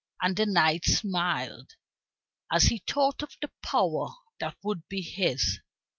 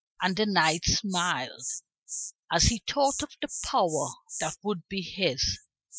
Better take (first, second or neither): first